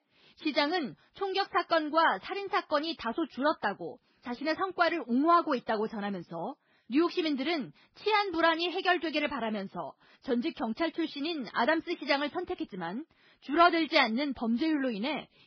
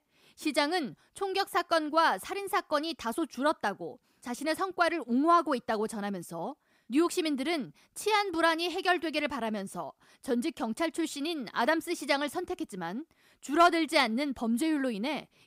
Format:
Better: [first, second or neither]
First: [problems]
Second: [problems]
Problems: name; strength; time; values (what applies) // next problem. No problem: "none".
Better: second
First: garbled, watery; badly; nothing above 5 kHz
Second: none